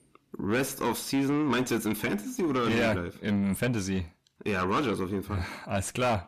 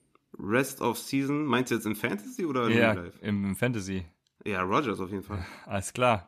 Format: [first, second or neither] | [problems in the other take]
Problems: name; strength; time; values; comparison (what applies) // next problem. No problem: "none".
second | distortion; heavy; 6 dB below the speech